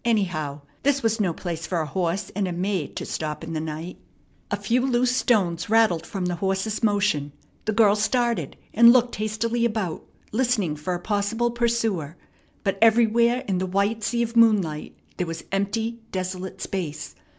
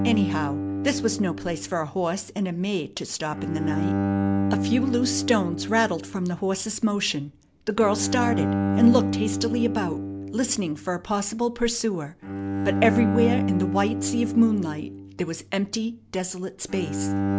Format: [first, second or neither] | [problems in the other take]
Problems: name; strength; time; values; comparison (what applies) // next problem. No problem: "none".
first | background sound (Bowed string instrument); 3 dB below the speech